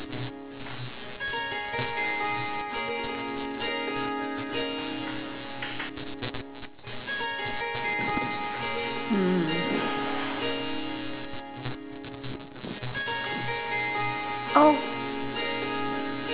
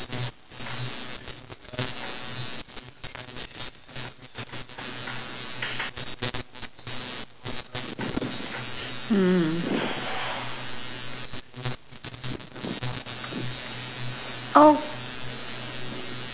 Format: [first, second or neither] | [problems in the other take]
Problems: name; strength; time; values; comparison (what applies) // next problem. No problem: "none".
second | background sound (Harp); as loud as the speech